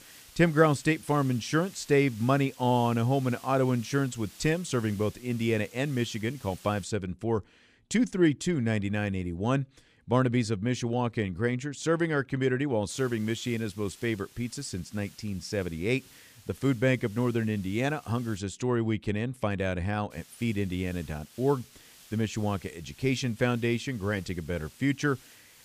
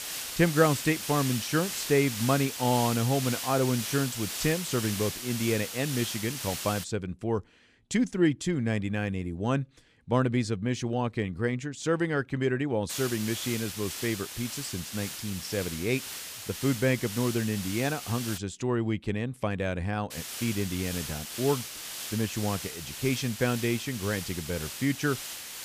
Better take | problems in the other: first | hiss; loud; until 7 s, from 13 to 18 s and from 20 s on; 6 dB below the speech; faint in the first

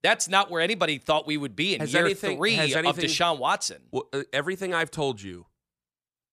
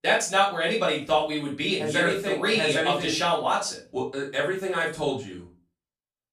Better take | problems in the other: first | off-mic speech; far // room echo; slight; dies away in 0.3 s

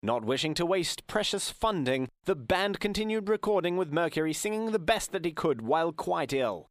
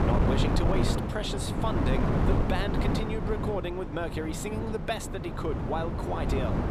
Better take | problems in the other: first | wind noise on the microphone; heavy; 1 dB below the speech

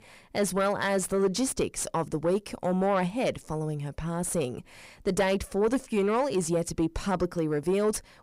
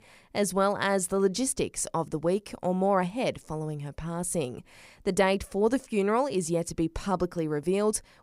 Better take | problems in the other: second | distortion; slight; 10 dB below the speech

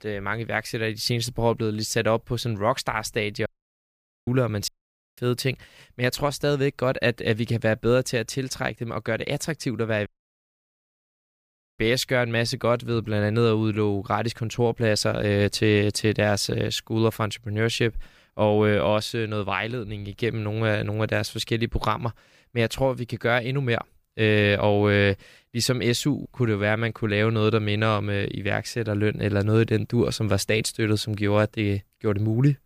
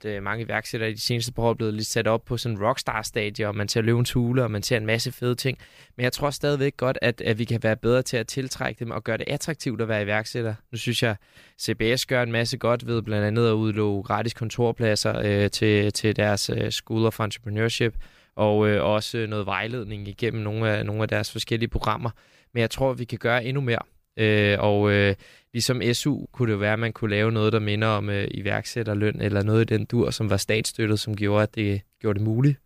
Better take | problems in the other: second | audio cutting out; at 3.5 s for 1 s, at 4.5 s and at 10 s for 1.5 s

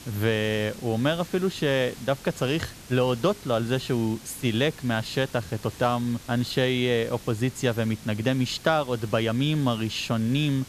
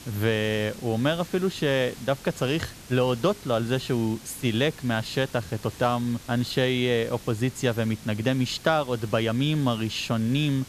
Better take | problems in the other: neither | hiss; noticeable; throughout; 20 dB below the speech; the same in both

